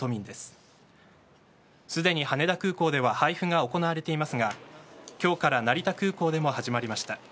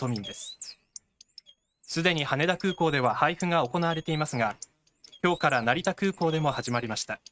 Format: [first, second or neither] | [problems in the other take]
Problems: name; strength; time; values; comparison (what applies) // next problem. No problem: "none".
first | noise reduction (neural mask model RNNoise)